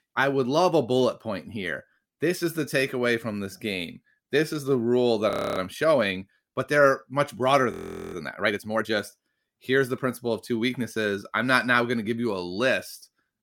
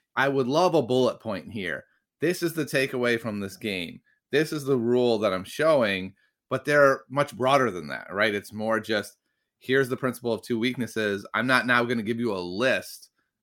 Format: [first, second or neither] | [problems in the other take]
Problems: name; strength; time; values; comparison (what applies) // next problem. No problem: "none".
second | audio freezing; at 5.5 s and at 7.5 s